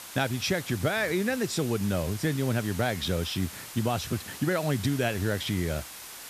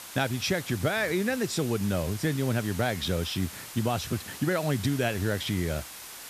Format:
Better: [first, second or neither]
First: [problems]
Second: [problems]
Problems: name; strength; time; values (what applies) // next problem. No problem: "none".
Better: neither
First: hiss; noticeable; throughout; 10 dB below the speech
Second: hiss; noticeable; throughout; 10 dB below the speech